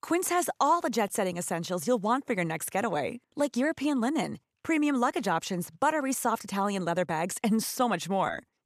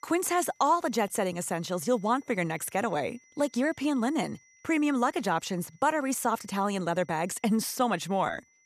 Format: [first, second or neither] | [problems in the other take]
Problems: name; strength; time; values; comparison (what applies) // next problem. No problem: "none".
first | high-pitched whine; faint; throughout; 2 kHz, 30 dB below the speech